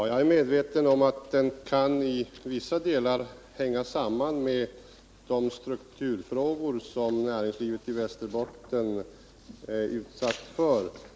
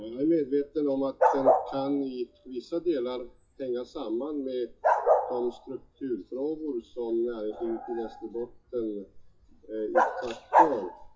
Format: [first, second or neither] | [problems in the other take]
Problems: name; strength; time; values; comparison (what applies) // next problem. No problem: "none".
first | noise reduction (classical method WPE with log-MMSE)